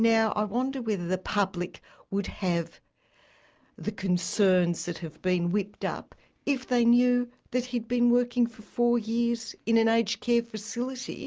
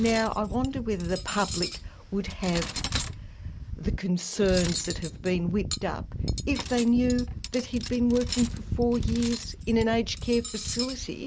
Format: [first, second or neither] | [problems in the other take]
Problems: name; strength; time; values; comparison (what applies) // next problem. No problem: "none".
first | background sound (Cutlery, silverware); 6 dB below the speech